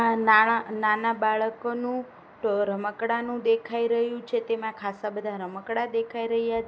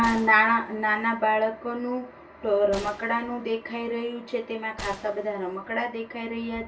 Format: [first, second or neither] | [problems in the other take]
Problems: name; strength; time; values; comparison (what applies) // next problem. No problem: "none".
first | background sound (Gunshot, gunfire); 19 dB below the speech // room echo; dies away in 0.2 s